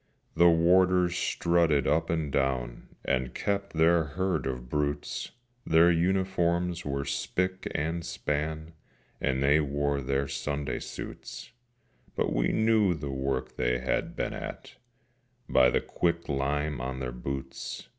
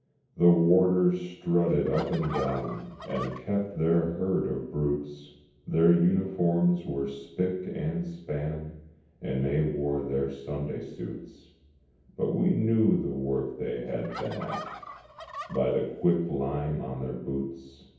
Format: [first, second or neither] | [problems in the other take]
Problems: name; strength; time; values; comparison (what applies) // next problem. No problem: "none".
first | background sound (Fowl); 13 dB below the speech // room echo; dies away in 0.9 s